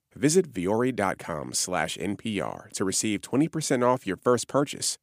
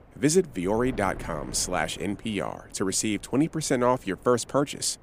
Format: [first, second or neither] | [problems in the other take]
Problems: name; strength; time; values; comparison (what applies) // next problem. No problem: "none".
first | wind noise on the microphone; occasional gusts; 20 dB below the speech